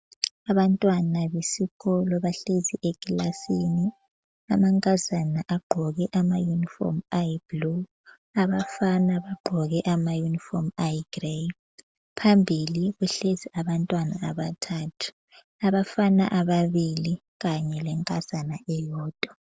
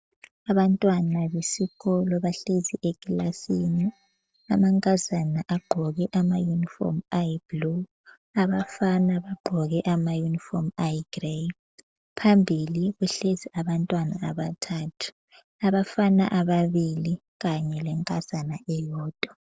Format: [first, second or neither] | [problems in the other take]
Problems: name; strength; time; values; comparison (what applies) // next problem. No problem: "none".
first | noise reduction (neural separator model SepFormer DNS4)